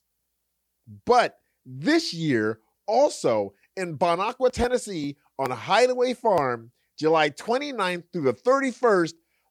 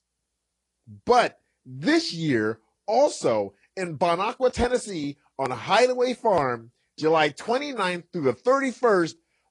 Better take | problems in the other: first | garbled, watery; slightly

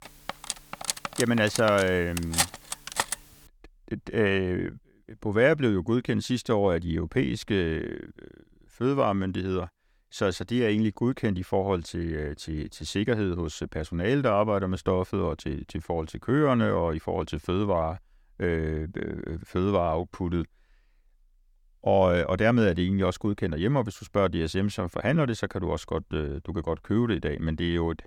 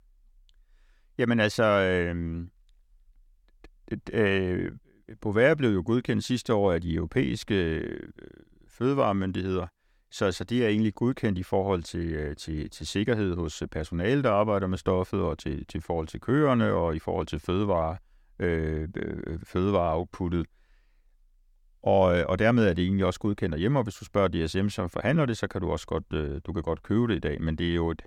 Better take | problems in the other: second | clattering dishes; loud; until 3 s; peak 1 dB above the speech

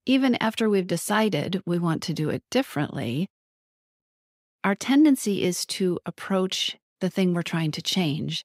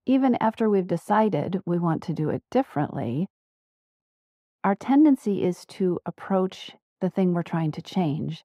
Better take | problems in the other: first | muffled; very; fading above 2 kHz

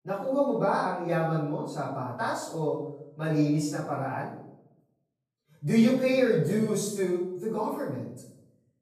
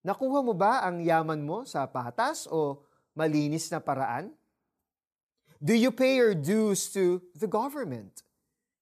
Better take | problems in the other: second | off-mic speech; far // room echo; noticeable; dies away in 0.7 s

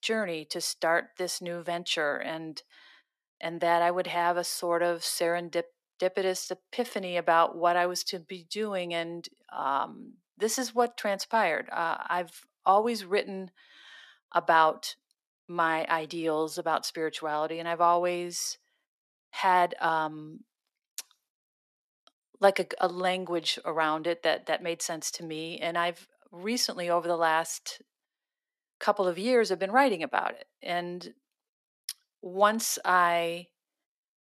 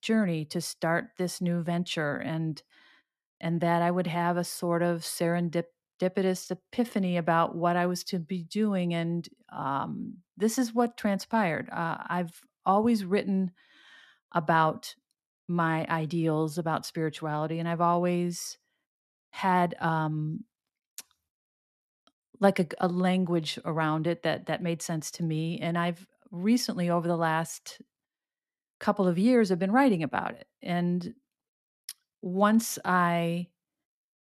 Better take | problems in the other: second | thin; somewhat; fading below 500 Hz

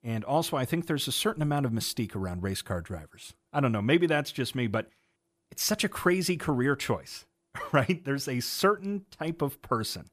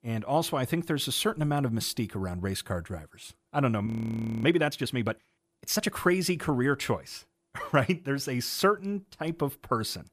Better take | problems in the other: first | audio freezing; at 4 s for 0.5 s

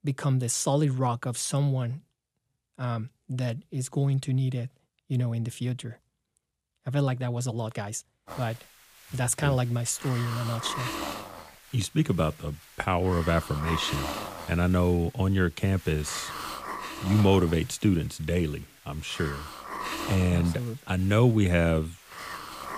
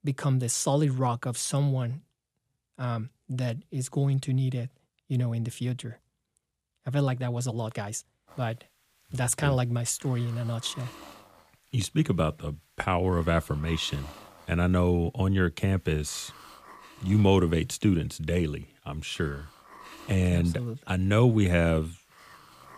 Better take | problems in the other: second | hiss; loud; from 8.5 s on; 9 dB below the speech; faint in the second

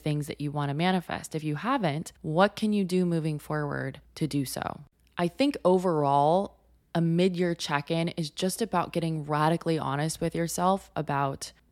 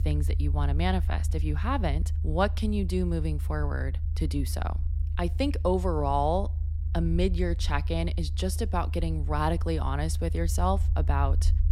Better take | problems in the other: first | low rumble; noticeable; throughout; 15 dB below the speech

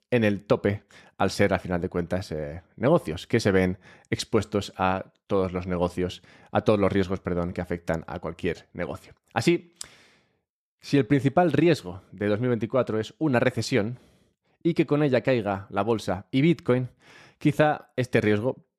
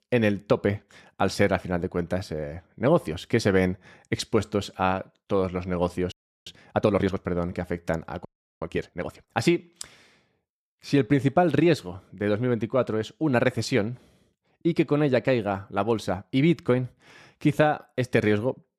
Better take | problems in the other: first | audio freezing; at 6 s and at 8.5 s

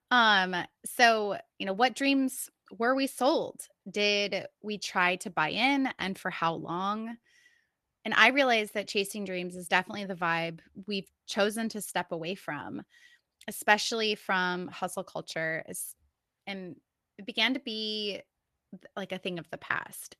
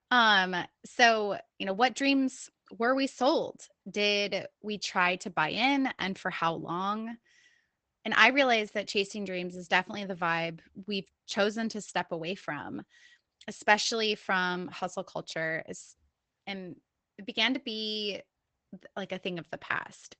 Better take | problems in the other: first | garbled, watery; badly; nothing above 8 kHz; slightly in the first

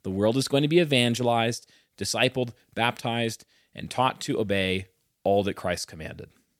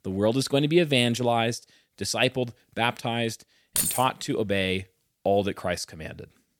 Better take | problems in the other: first | jangling keys; loud; at 4 s; peak 1 dB above the speech

